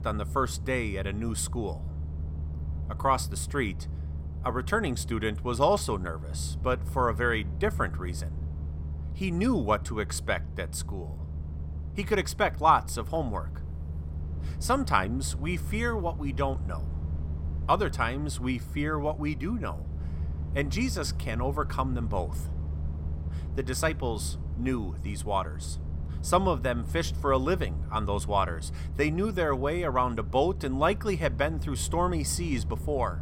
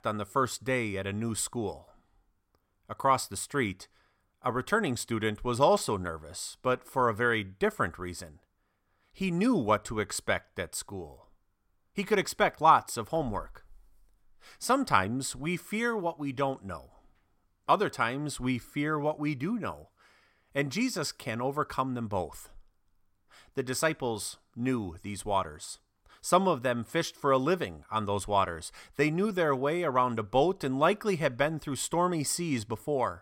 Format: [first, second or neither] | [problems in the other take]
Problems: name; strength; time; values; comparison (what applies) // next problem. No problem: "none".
second | low rumble; noticeable; throughout; 20 dB below the speech